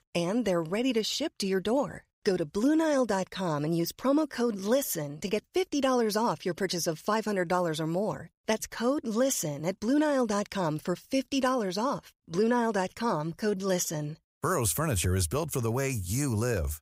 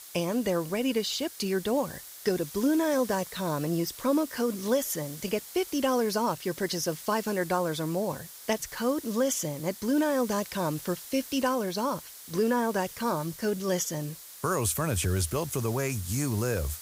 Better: first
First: none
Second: hiss; noticeable; throughout; 15 dB below the speech

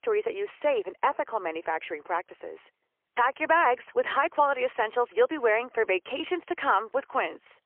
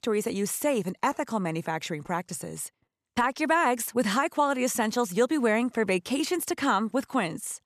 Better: second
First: phone-call audio; poor line; nothing above 3 kHz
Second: none

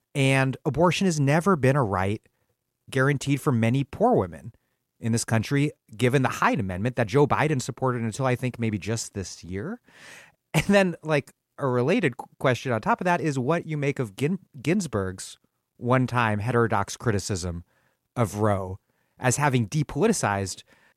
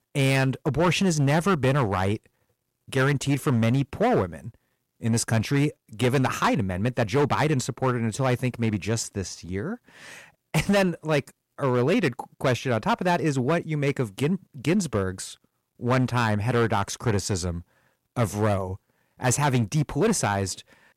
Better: first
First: none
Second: distortion; slight; 7% of the sound clipped

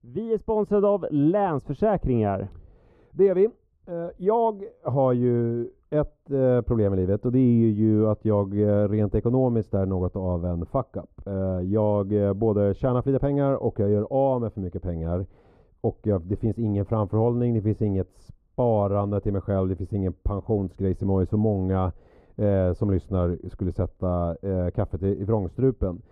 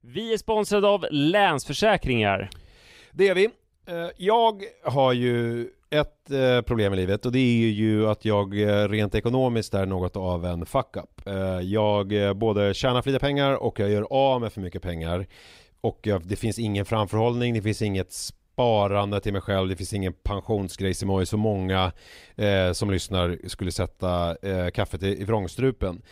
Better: second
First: muffled; very; fading above 1.5 kHz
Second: none

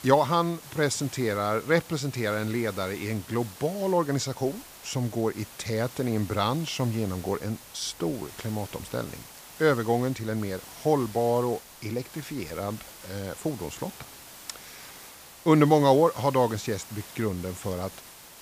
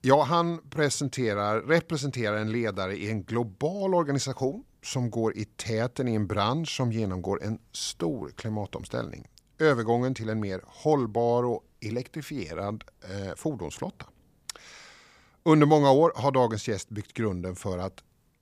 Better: second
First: hiss; noticeable; throughout; 15 dB below the speech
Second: none

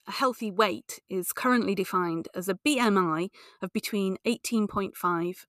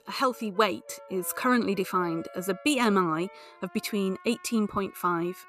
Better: first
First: none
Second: background music; faint; throughout; 20 dB below the speech

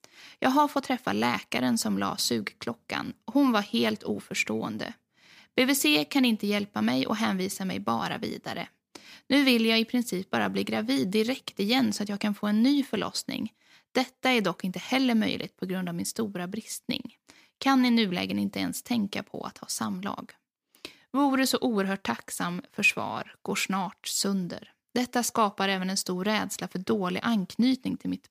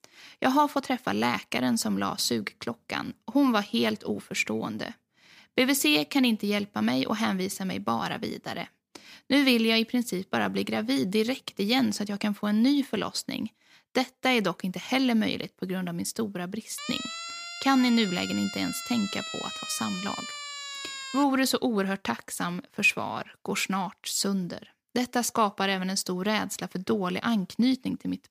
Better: first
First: none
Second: siren; noticeable; from 17 to 21 s; peak 7 dB below the speech

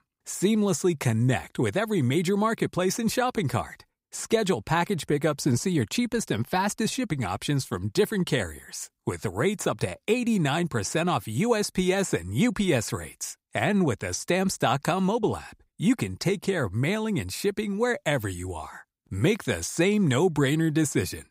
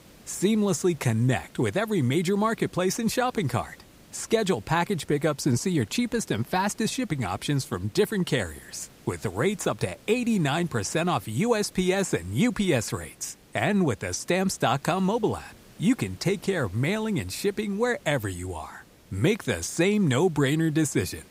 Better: first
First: none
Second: hiss; faint; throughout; 25 dB below the speech

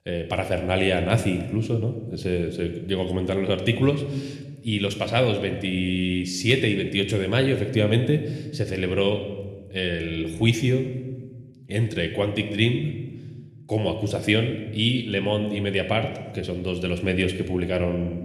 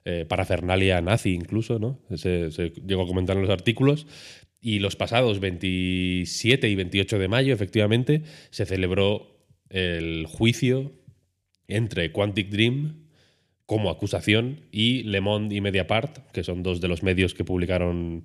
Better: second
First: room echo; slight; dies away in 1 s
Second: none

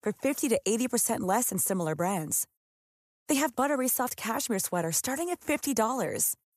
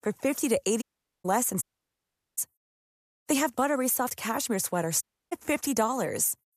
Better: first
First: none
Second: audio cutting out; at 1 s, at 1.5 s for 1 s and at 5 s

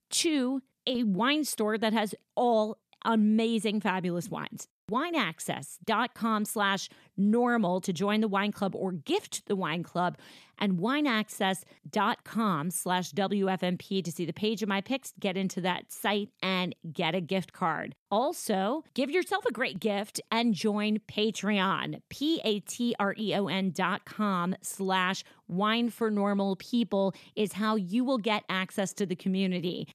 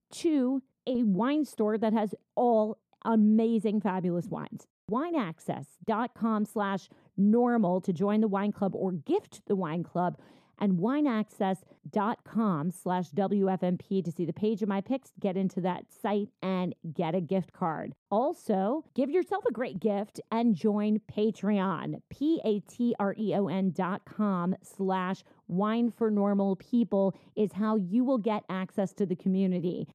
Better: first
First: none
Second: muffled; slightly; fading above 1.5 kHz

